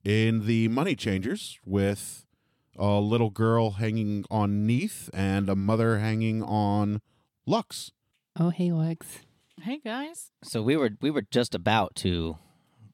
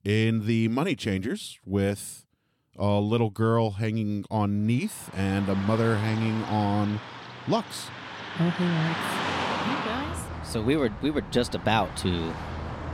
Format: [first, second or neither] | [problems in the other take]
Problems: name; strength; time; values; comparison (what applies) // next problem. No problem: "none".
first | traffic noise; loud; from 5.5 s on; 7 dB below the speech